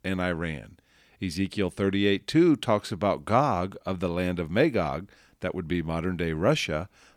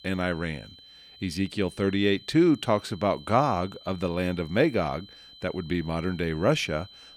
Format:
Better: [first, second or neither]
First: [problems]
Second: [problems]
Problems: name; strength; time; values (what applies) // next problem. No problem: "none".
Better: first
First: none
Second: high-pitched whine; faint; throughout; 4 kHz, 20 dB below the speech